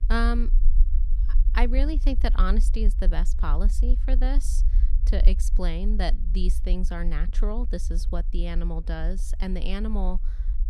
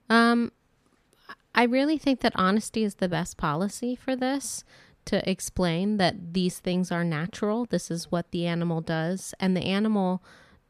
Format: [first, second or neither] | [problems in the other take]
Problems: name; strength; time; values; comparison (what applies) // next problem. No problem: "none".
second | low rumble; noticeable; throughout; 15 dB below the speech